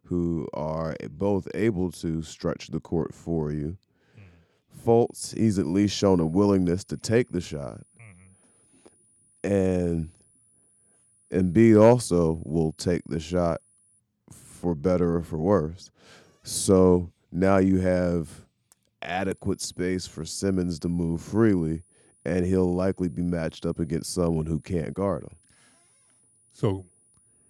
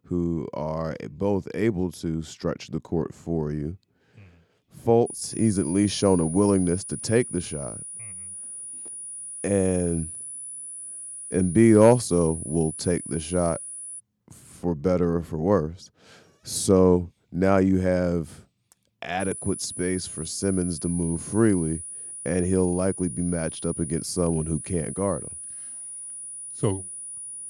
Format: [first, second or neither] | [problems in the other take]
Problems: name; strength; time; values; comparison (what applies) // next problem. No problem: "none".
first | high-pitched whine; loud; from 5 to 14 s and from 19 s on; 9.5 kHz, 10 dB below the speech; faint in the first